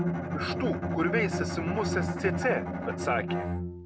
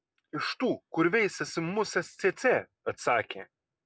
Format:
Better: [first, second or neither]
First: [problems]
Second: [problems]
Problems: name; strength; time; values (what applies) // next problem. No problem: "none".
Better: second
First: background sound (Bowed string instrument); 1 dB above the speech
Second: none